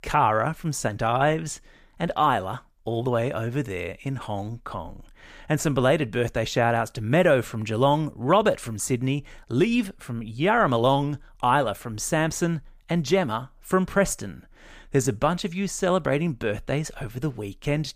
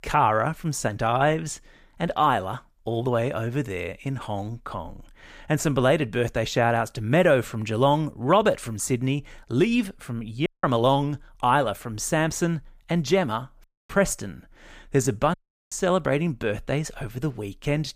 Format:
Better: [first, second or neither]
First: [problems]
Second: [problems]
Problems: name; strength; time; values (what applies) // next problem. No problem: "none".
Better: first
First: none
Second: audio cutting out; at 10 s, at 14 s and at 15 s